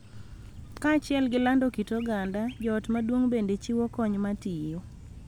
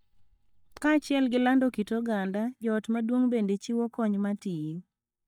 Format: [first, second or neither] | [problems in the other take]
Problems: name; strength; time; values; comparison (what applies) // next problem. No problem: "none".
first | noise reduction (neural mask model DeepFilterNet 3)